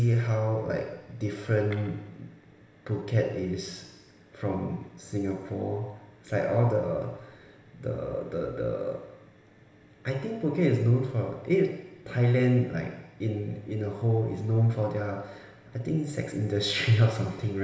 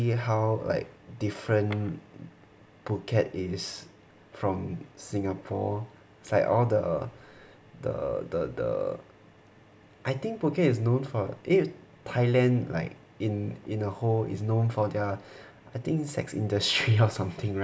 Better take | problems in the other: second | room echo; dies away in 1 s

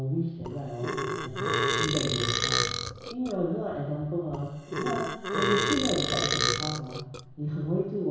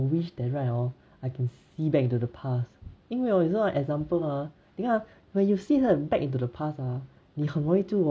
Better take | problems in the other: second | background sound (Burping, eructation); 1 dB above the speech // room echo; dies away in 1.1 s

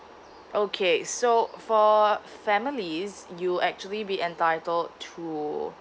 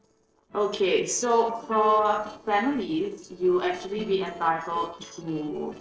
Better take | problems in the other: first | noise reduction (neural separator model SepFormer DNS4)

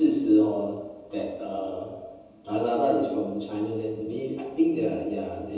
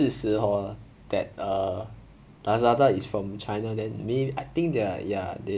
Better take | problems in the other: second | room echo; dies away in 1.1 s

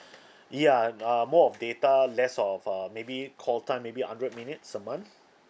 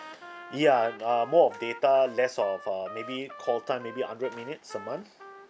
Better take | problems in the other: first | background sound (Trumpet); 17 dB below the speech

